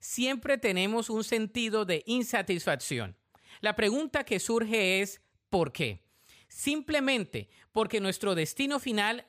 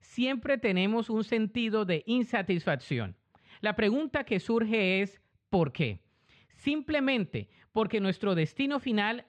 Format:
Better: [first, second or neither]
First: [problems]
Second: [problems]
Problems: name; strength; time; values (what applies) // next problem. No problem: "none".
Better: first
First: none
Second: muffled; slightly; fading above 3.5 kHz